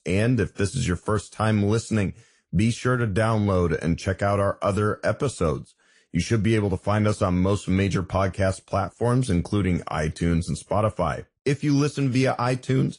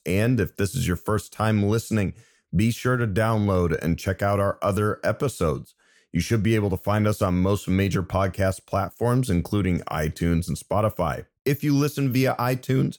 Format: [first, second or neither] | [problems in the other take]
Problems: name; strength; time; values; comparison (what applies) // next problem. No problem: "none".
second | garbled, watery; slightly; nothing above 10.5 kHz